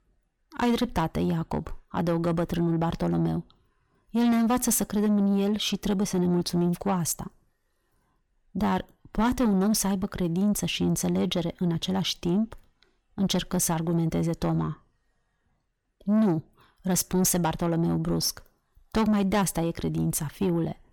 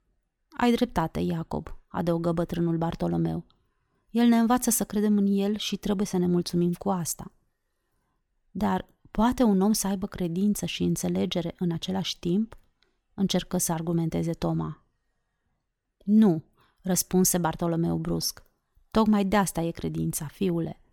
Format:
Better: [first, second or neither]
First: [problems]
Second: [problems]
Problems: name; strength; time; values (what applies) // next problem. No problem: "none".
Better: second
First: distortion; slight; 10 dB below the speech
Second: none